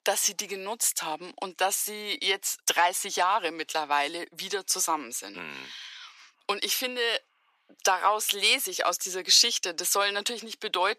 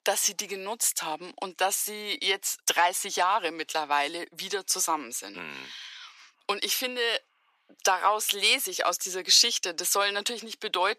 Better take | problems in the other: neither | thin; very; fading below 550 Hz; the same in both

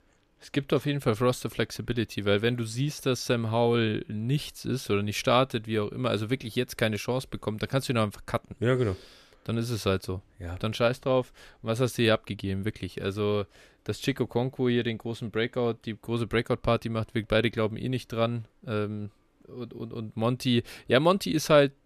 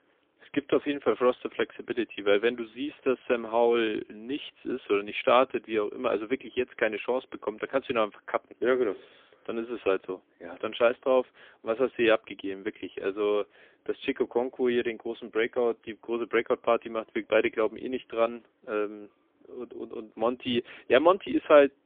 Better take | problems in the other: first | phone-call audio; poor line; nothing above 3.5 kHz

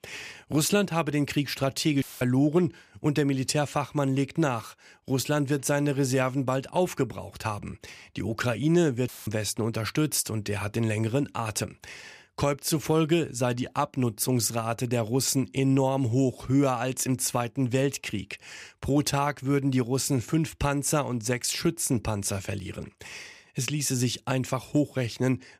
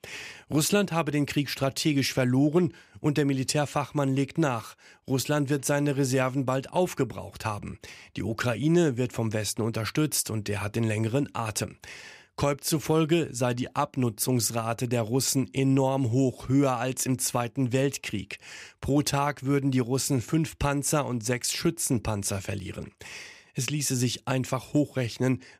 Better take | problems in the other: second | audio cutting out; filled with static; at 2 s and at 9 s

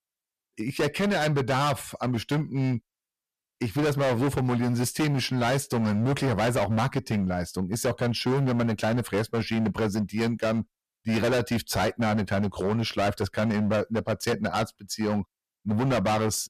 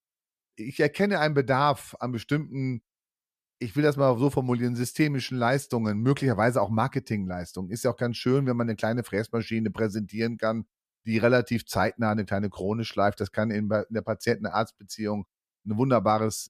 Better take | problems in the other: second | distortion; heavy; 22% of the sound clipped

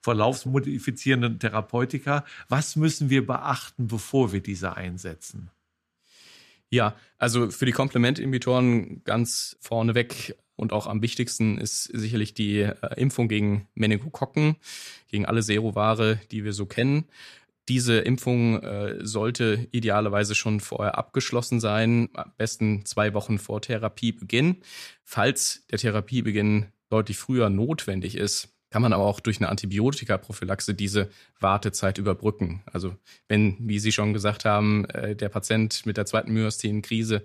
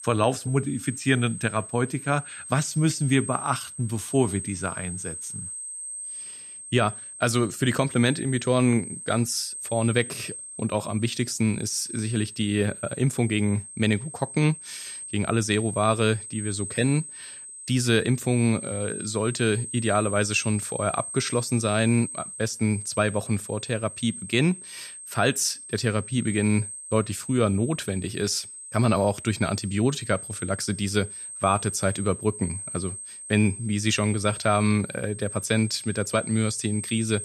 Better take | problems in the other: first | high-pitched whine; loud; throughout; 8.5 kHz, 10 dB below the speech

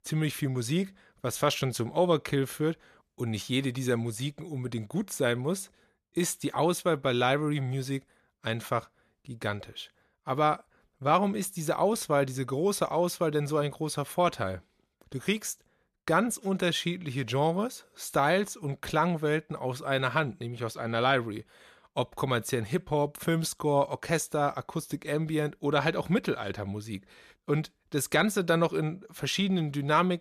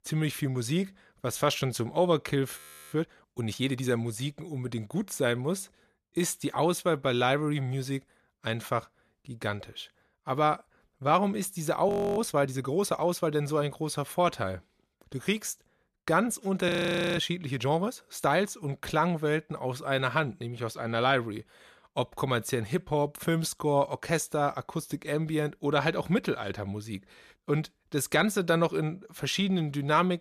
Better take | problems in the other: first | audio freezing; at 2.5 s, at 12 s and at 17 s

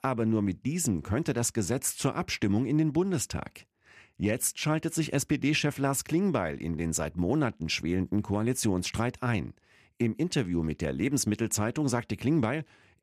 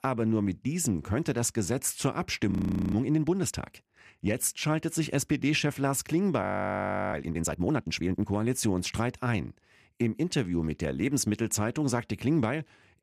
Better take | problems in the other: first | audio freezing; at 2.5 s and at 6.5 s for 0.5 s

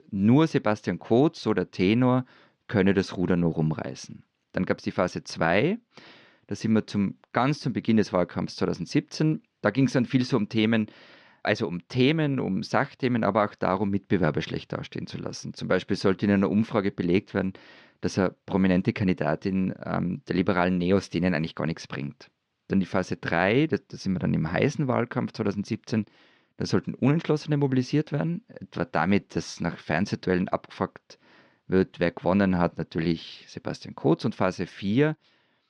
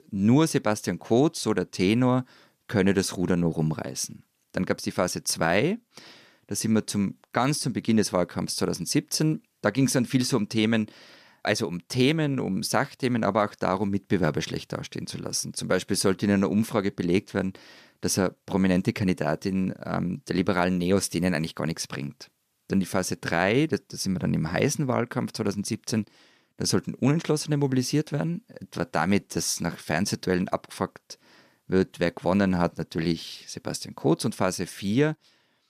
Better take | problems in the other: second | muffled; slightly; fading above 4 kHz

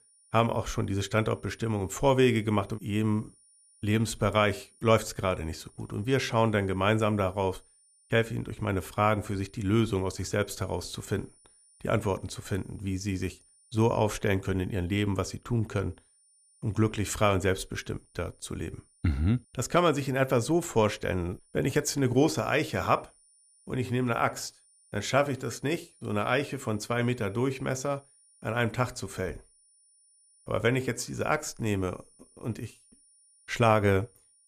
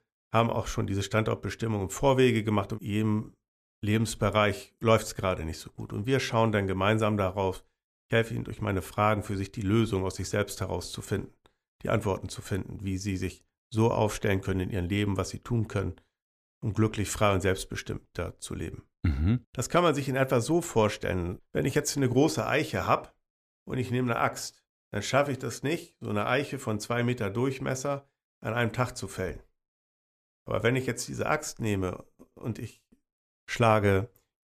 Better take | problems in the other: second | high-pitched whine; faint; throughout; 9.5 kHz, 30 dB below the speech

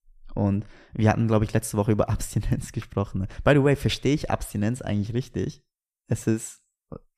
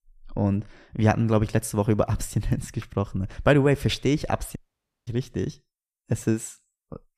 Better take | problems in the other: first | audio cutting out; at 4.5 s for 0.5 s

